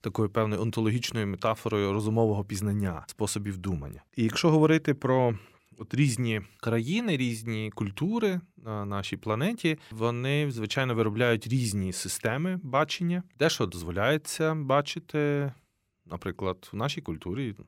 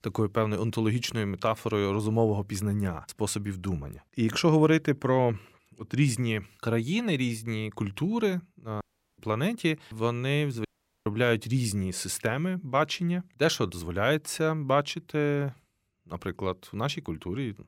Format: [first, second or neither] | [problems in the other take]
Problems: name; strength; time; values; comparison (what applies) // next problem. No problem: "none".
first | audio cutting out; at 9 s and at 11 s